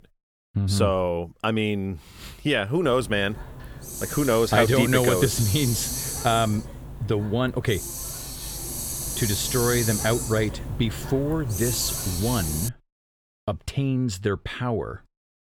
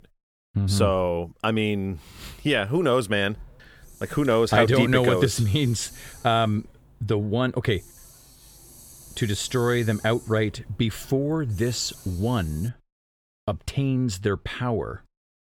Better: second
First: hiss; loud; from 3 to 13 s; 5 dB below the speech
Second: hiss; faint; from 3 to 13 s; 20 dB below the speech

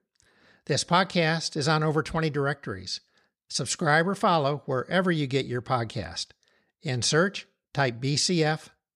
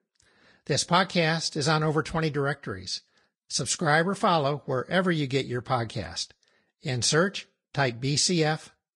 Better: first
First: none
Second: garbled, watery; slightly

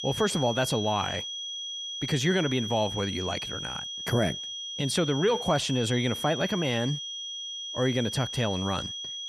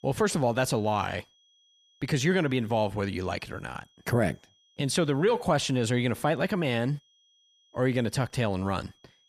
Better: second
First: high-pitched whine; loud; throughout; 3.5 kHz, 5 dB below the speech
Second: high-pitched whine; faint; throughout; 3.5 kHz, 35 dB below the speech

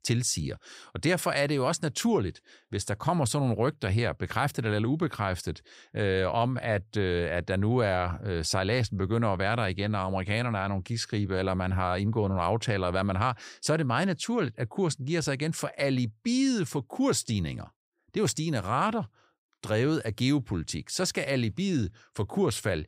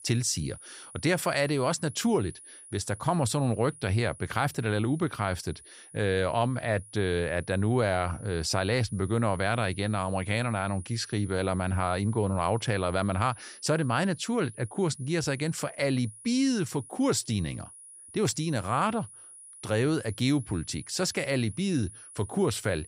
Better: first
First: none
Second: high-pitched whine; noticeable; throughout; 10.5 kHz, 20 dB below the speech

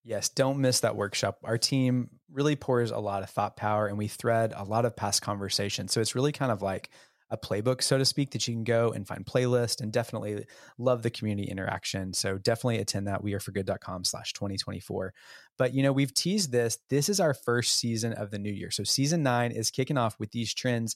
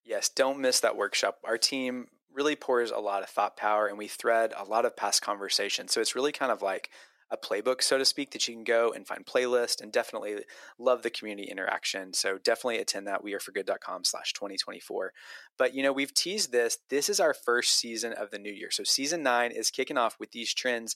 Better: first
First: none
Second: thin; somewhat; fading below 300 Hz

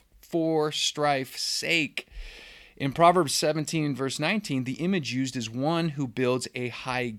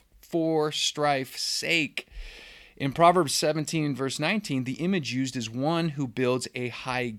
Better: neither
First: none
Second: none

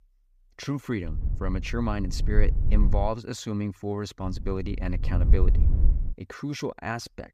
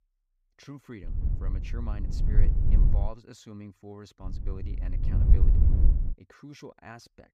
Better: first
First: wind noise on the microphone; occasional gusts; from 1 to 3 s and from 4 to 6 s; 10 dB below the speech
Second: wind noise on the microphone; heavy; from 1 to 3 s and from 4 to 6 s; 2 dB above the speech

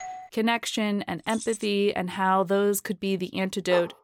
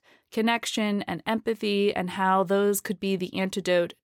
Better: second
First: doorbell; faint; at the start; peak 15 dB below the speech // jangling keys; faint; at 1.5 s; peak 10 dB below the speech // dog barking; very faint; at 3.5 s; peak 9 dB below the speech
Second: none

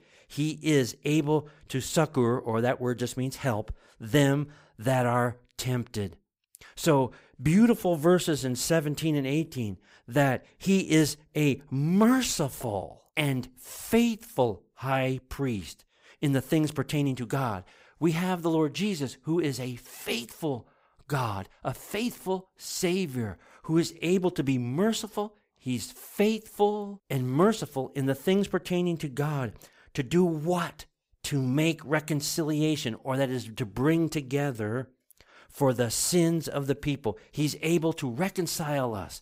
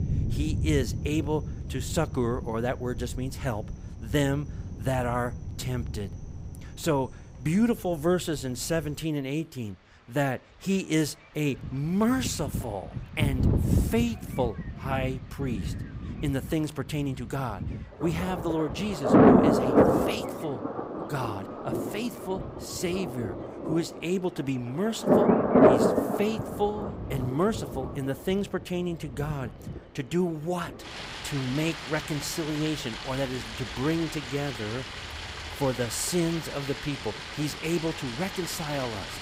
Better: first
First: none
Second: rain or running water; very loud; throughout; 1 dB above the speech

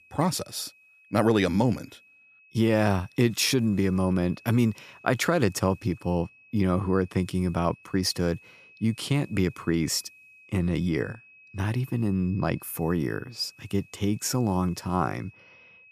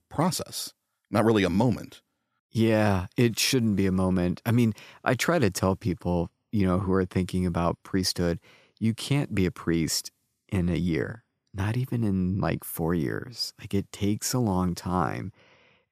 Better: second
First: high-pitched whine; faint; throughout; 2.5 kHz, 25 dB below the speech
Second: none

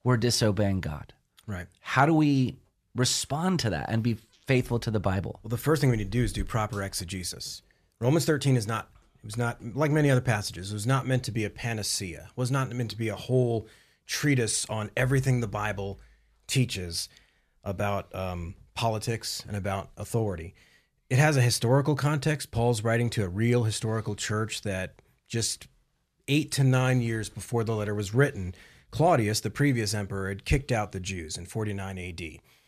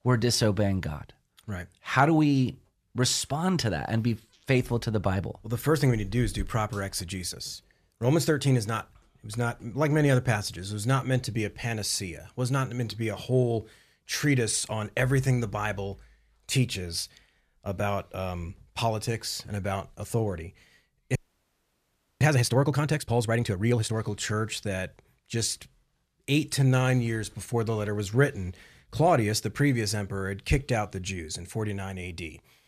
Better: first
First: none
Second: audio freezing; at 21 s for 1 s

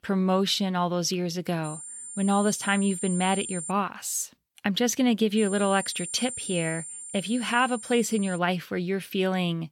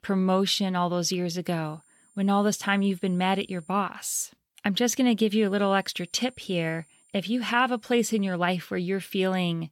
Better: second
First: high-pitched whine; loud; from 1.5 to 3.5 s and from 5.5 to 8.5 s; 9 kHz, 9 dB below the speech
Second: high-pitched whine; faint; from 1.5 to 3.5 s and from 5.5 to 8.5 s; 9 kHz, 30 dB below the speech

